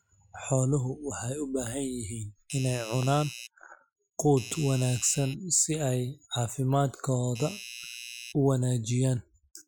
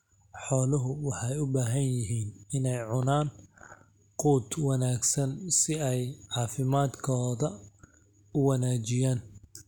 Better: second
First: noise reduction (classical method Wiener filter)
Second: none

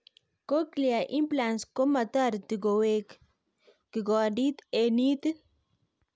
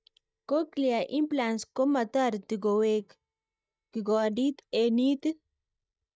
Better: first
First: none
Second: noise reduction (neural mask model DeepFilterNet 3)

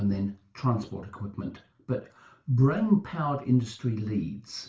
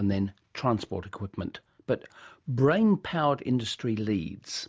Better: second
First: room echo; dies away in 0.3 s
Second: none

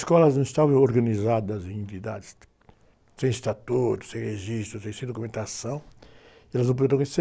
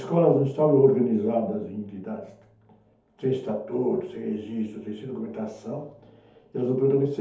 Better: first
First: none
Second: room echo; dies away in 0.6 s

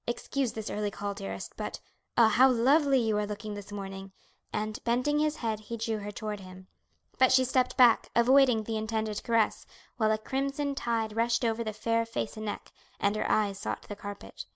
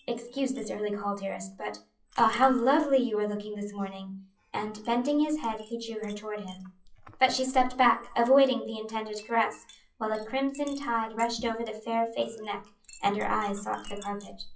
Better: first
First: none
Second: noise reduction (classical method WPE with log-MMSE)

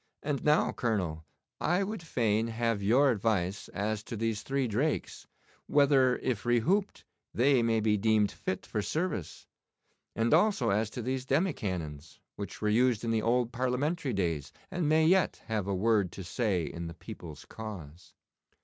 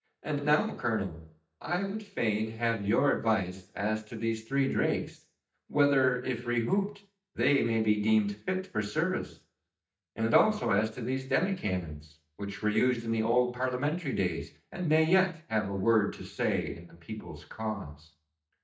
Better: first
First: none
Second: noise reduction (neural mask model DeepFilterNet 3)

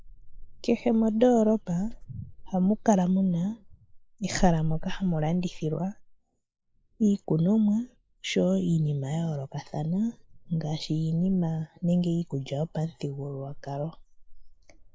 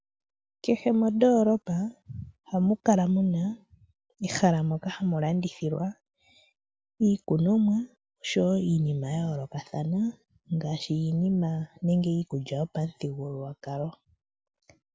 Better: second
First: noise reduction (neural mask model Resemble Enhance denoiser)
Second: none

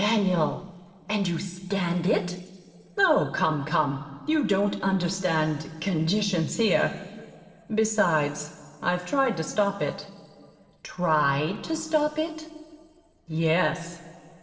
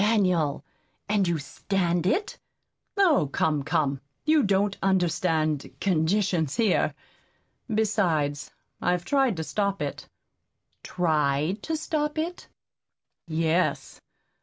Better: second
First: noise reduction (neural separator model SepFormer DNS4)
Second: none

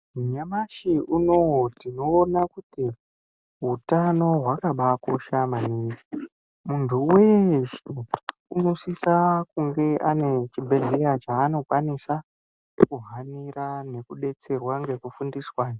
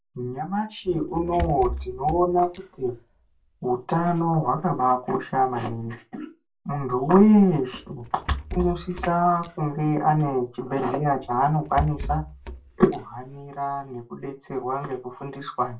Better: first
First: none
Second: background sound (Rattle / Breathing); 11 dB below the speech // room echo; dies away in 0.2 s

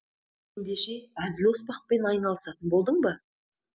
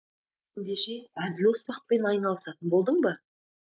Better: first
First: none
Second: noise reduction (neural mask model Resemble Enhance denoiser)

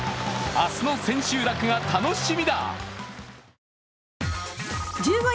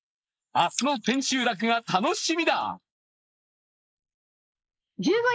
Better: first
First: none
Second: noise reduction (neural mask model Resemble Enhance denoiser)

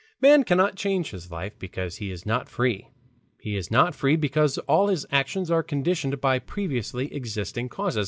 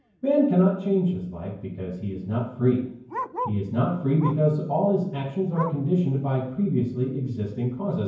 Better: first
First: none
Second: background sound (Bark); 16 dB below the speech // room echo; dies away in 0.9 s

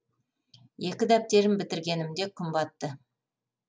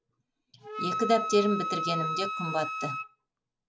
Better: first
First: none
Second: background sound (Wind instrument, woodwind instrument); 3 dB below the speech

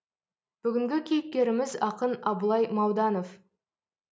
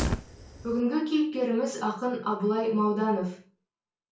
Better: first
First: none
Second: background sound (Fire); 11 dB below the speech // room echo; dies away in 0.2 s

